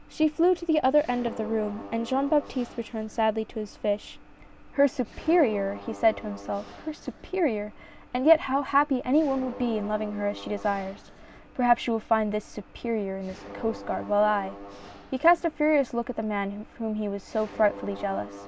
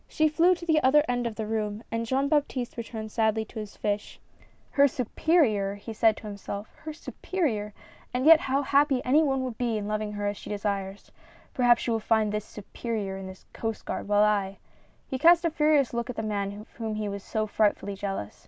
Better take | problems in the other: second | background sound (Mechanisms); 17 dB below the speech

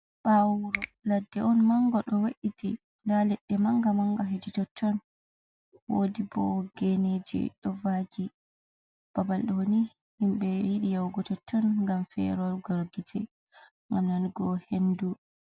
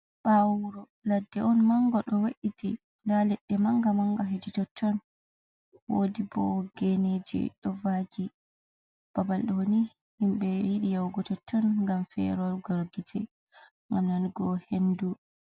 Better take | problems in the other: second | background sound (Finger snapping); 12 dB below the speech

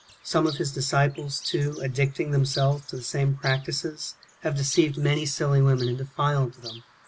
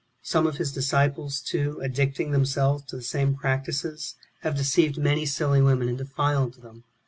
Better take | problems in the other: second | background sound (Chirp, tweet); 18 dB below the speech

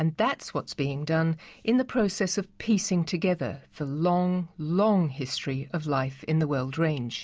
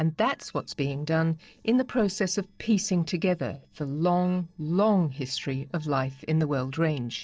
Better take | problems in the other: first | noise reduction (neural separator model SepFormer DNS4)

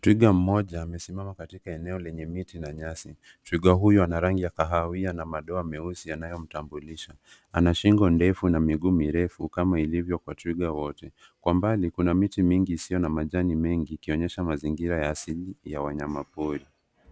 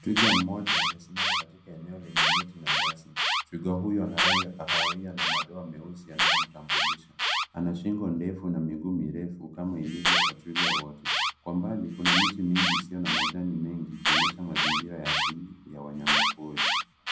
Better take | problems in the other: first | background sound (Alarm); 4 dB above the speech // room echo; dies away in 0.6 s

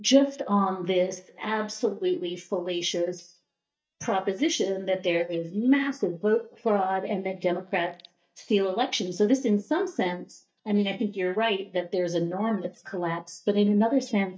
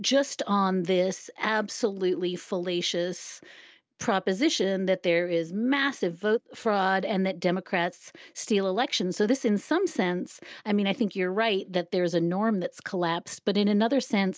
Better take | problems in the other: second | noise reduction (neural mask model DeepFilterNet 3)

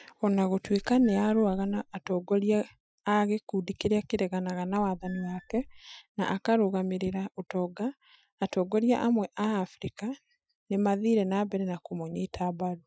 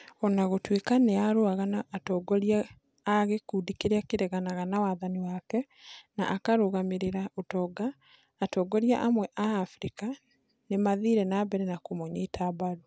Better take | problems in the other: second | noise reduction (classical method Wiener filter)

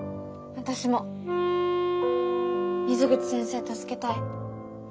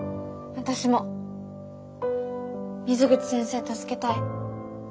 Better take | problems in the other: second | background sound (Wind instrument, woodwind instrument); as loud as the speech

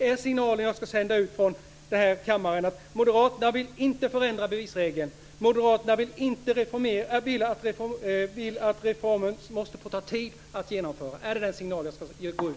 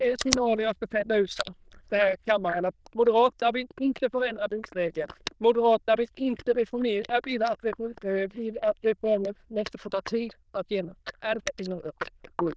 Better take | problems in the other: first | noise reduction (neural diffusion model UNIVERSE++)

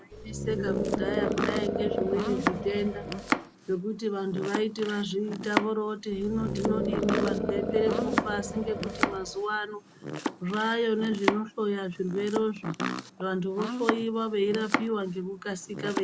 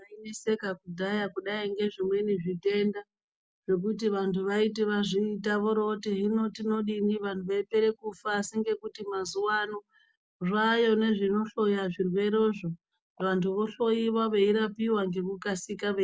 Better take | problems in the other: second | background sound (Animal + Domestic sounds, home sounds); 1 dB below the speech

